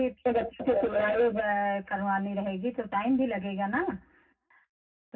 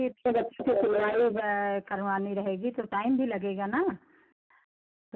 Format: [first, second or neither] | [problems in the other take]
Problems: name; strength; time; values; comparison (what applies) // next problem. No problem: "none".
second | room echo; dies away in 0.4 s